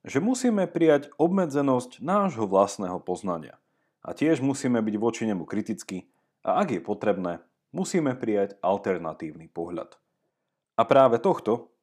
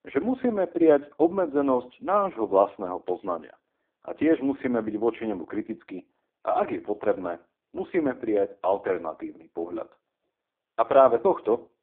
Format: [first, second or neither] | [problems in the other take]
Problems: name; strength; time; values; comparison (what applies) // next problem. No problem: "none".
first | phone-call audio; poor line